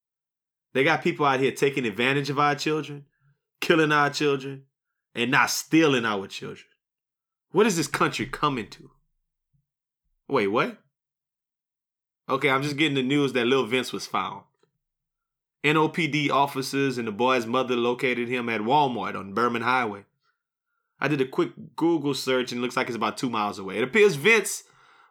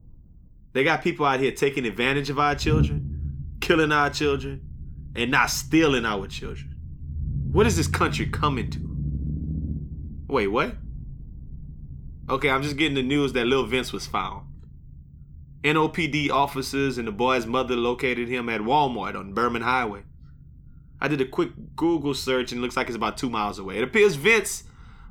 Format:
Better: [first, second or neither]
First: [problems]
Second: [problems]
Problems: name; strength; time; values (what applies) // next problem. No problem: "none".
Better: first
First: none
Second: low rumble; faint; throughout; 20 dB below the speech